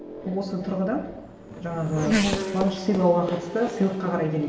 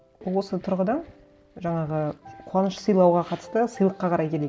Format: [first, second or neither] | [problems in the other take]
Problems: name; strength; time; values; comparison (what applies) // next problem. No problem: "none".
second | background sound (Race car, auto racing / Accelerating, revving, vroom); 5 dB below the speech // room echo; dies away in 0.9 s